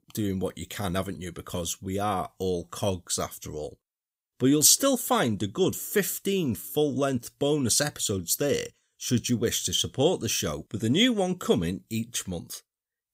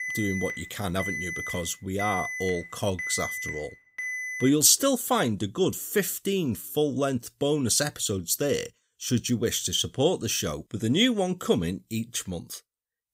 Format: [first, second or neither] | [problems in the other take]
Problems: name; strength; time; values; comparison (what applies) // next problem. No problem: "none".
first | alarm; noticeable; until 4.5 s; peak 4 dB below the speech